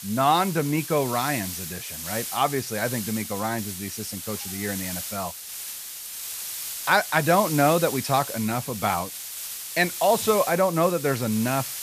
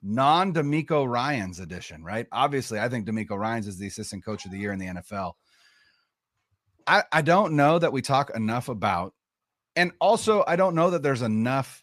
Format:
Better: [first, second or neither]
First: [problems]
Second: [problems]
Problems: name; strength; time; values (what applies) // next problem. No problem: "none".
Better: second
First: hiss; loud; throughout; 7 dB below the speech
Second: none